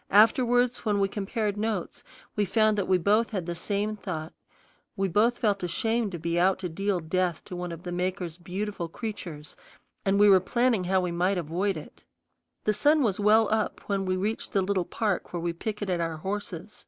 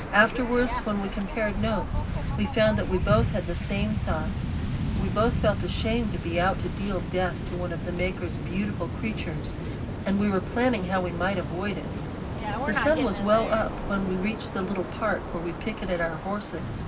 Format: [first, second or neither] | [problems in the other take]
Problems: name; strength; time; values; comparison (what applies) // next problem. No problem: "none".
first | background sound (Waves, surf); 2 dB below the speech // room echo; dies away in 0.4 s